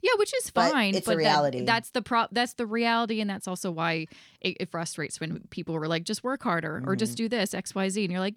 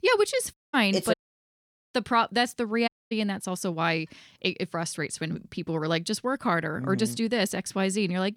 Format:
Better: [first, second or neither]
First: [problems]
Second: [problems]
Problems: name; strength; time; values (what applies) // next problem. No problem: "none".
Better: first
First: none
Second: audio cutting out; at 0.5 s, at 1 s for 1 s and at 3 s